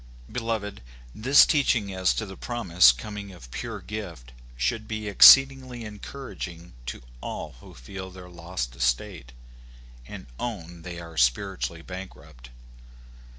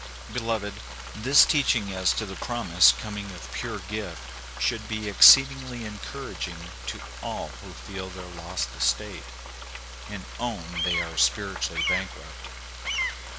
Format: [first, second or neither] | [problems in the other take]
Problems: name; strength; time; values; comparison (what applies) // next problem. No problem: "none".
first | background sound (Bird vocalization, bird call, bird song + Frying (food)); 8 dB below the speech